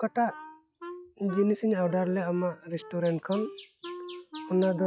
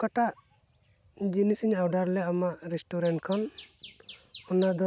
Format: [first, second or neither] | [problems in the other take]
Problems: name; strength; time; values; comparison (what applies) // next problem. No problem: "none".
second | noise reduction (classical method log-MMSE)